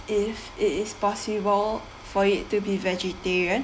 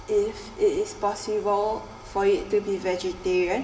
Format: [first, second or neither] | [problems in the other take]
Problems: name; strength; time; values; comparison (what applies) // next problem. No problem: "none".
first | room echo; dies away in 2.4 s